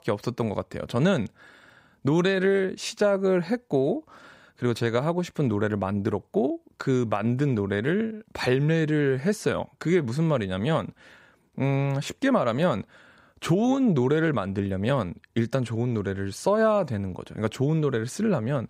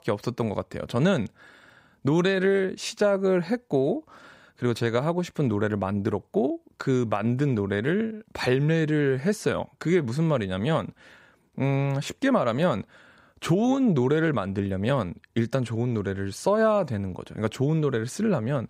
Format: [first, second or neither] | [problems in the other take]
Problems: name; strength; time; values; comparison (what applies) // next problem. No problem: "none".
neither | none